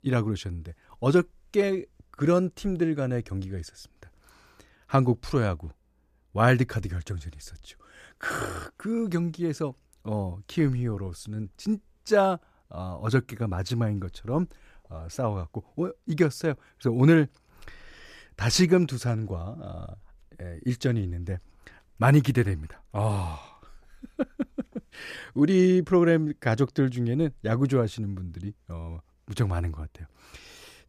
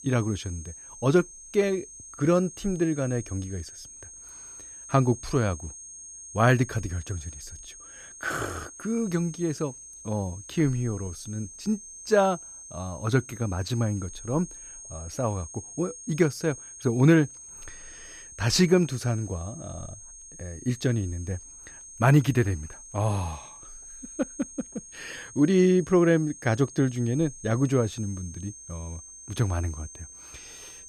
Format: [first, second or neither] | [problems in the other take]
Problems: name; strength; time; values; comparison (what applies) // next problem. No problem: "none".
first | high-pitched whine; noticeable; throughout; 6.5 kHz, 15 dB below the speech